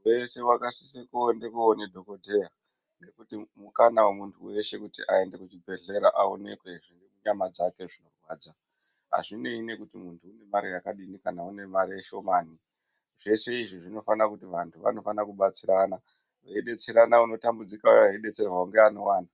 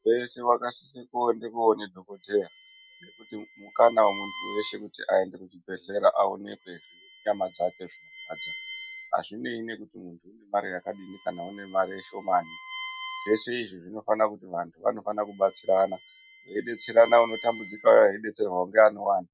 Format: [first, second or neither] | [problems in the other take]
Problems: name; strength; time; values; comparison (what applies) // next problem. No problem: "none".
first | noise reduction (classical method Wiener filter)